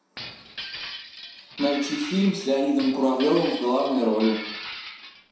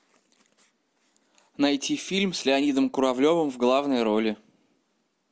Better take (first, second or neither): second